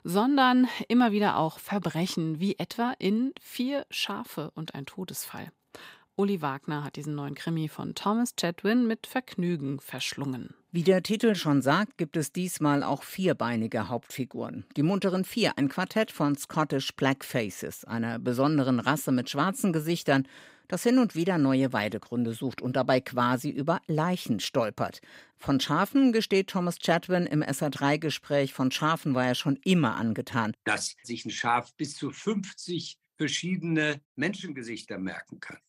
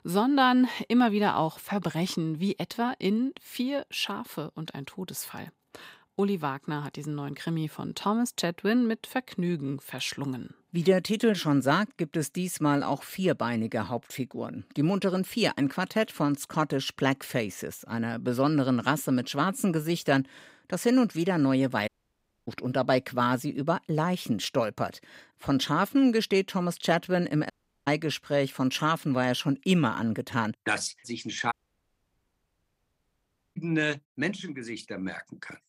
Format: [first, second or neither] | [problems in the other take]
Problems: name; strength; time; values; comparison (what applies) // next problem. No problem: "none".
first | audio cutting out; at 22 s for 0.5 s, at 28 s and at 32 s for 2 s